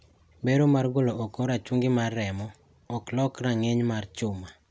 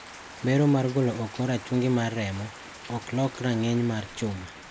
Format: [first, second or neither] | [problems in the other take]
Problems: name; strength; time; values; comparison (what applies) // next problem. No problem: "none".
first | background sound (Rain); 16 dB below the speech